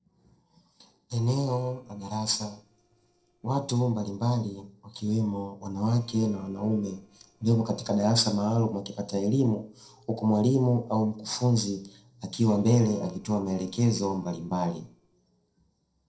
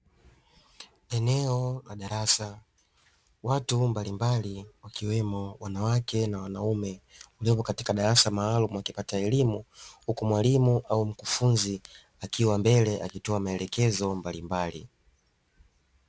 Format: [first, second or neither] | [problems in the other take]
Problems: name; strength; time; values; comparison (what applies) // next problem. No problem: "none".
second | noise reduction (neural separator model SepFormer DNS4)